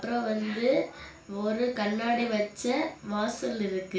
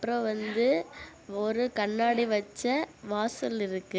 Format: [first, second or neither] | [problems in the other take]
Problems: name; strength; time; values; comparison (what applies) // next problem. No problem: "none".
second | room echo; dies away in 0.3 s